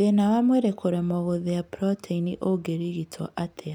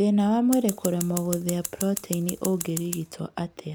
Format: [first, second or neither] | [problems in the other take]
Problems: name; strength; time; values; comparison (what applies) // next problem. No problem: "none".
first | background sound (Scissors); 11 dB below the speech